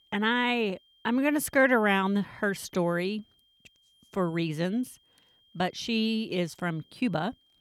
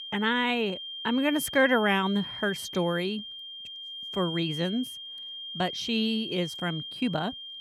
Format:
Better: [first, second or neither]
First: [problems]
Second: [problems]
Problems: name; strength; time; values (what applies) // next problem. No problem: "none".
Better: first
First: high-pitched whine; faint; throughout; 3 kHz, 35 dB below the speech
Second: high-pitched whine; loud; throughout; 3 kHz, 8 dB below the speech